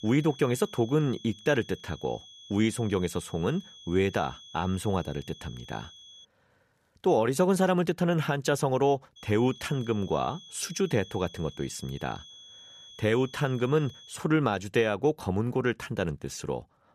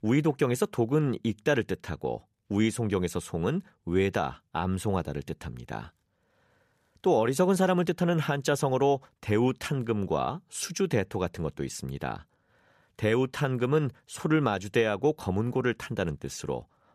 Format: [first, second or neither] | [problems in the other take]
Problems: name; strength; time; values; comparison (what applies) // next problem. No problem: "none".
second | high-pitched whine; noticeable; until 6.5 s and from 9 to 14 s; 3.5 kHz, 20 dB below the speech